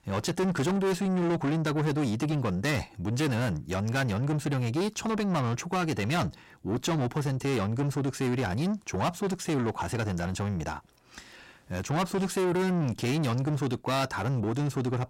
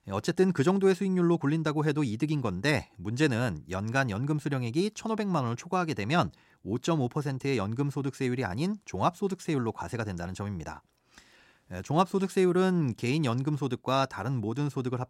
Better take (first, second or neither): second